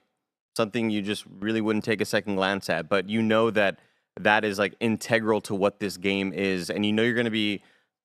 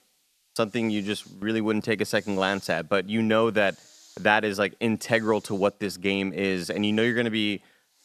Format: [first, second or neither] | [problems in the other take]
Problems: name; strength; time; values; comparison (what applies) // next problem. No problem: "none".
first | hiss; faint; throughout; 30 dB below the speech